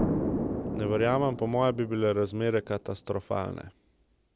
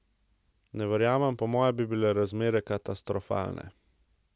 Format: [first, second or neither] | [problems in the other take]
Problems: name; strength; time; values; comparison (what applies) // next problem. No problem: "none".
second | background sound (Explosion); 5 dB below the speech